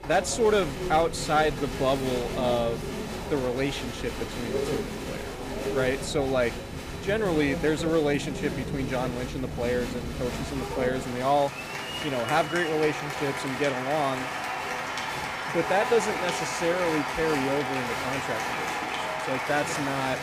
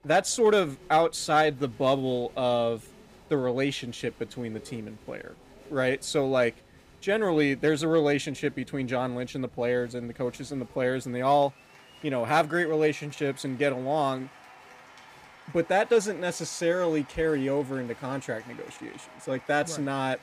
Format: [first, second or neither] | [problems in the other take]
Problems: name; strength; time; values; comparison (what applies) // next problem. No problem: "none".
second | crowd noise; loud; throughout; 4 dB below the speech; faint in the second